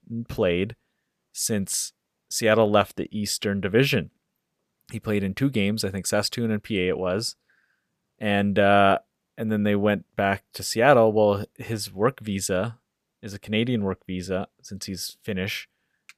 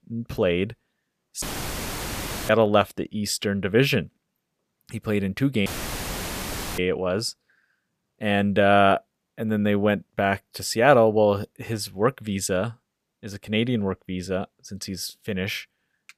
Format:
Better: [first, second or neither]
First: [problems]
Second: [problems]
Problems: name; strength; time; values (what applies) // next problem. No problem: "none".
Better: first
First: none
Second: audio cutting out; filled with static; at 1.5 s for 1 s and at 5.5 s for 1 s